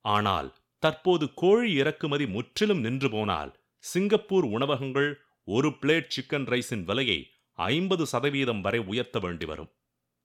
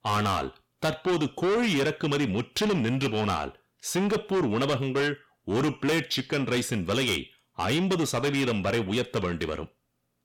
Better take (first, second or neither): first